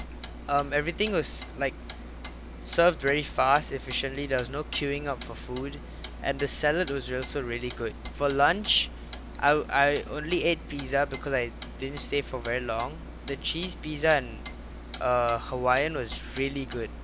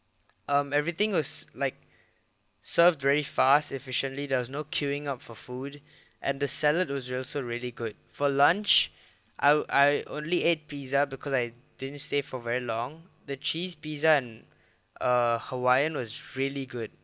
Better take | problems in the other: second | background sound (Clock); 11 dB below the speech

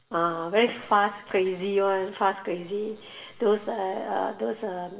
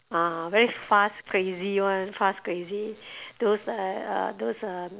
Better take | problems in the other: second | room echo; dies away in 2.9 s

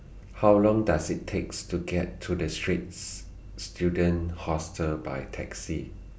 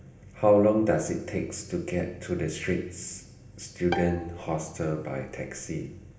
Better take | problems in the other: first | background sound (Bowed string instrument); 12 dB below the speech // room echo; dies away in 1 s

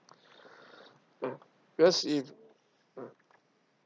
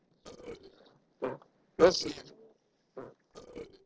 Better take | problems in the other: first | noise reduction (neural separator model SepFormer DNS4)

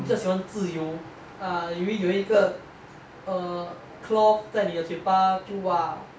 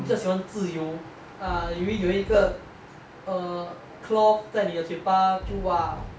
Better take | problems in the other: first | background sound (Fireworks); 15 dB below the speech

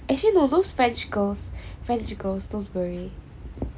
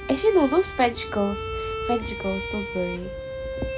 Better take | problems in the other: first | background sound (Bowed string instrument); 8 dB below the speech

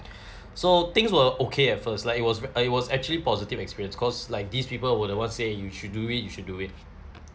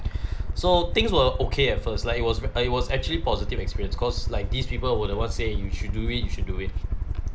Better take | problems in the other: first | background sound (Aircraft); 1 dB above the speech

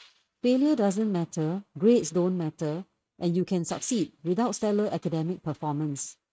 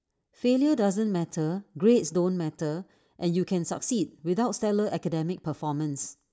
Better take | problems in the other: second | noise reduction (neural mask model RNNoise)

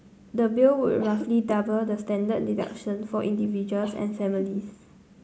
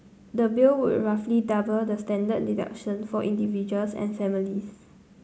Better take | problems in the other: second | background sound (Cough); 20 dB below the speech

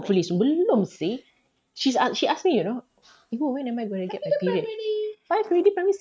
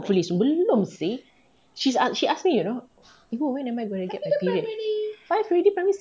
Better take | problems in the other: second | noise reduction (neural mask model RNNoise)

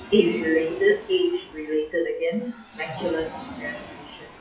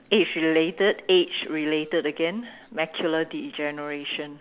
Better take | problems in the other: second | noise reduction (classical method WPE with log-MMSE)

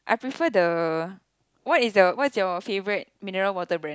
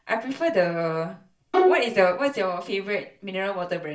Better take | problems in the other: first | background sound (Bowed string instrument); 2 dB above the speech // room echo; dies away in 0.3 s

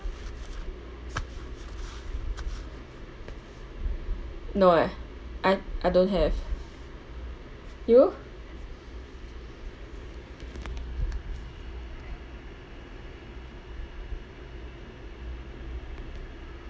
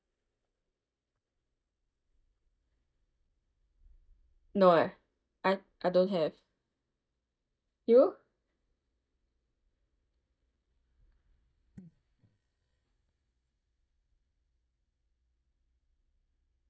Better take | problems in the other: first | noise reduction (neural mask model DeepFilterNet 3)

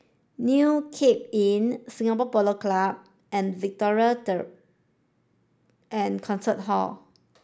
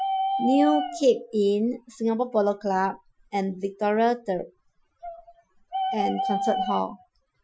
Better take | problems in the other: first | noise reduction (classical method Wiener filter)

